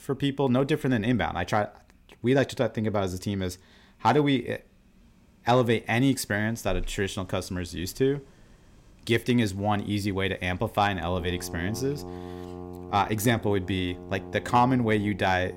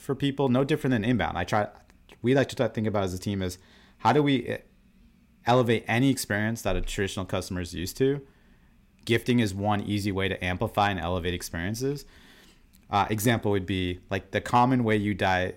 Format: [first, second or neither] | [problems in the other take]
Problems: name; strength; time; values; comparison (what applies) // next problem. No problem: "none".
second | background music; noticeable; throughout; 15 dB below the speech